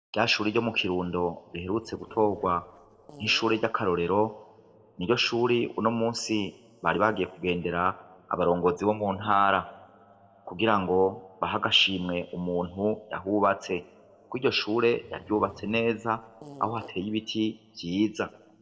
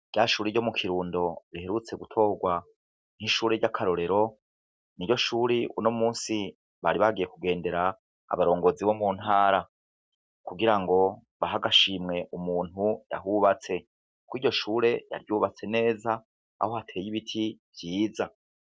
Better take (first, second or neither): second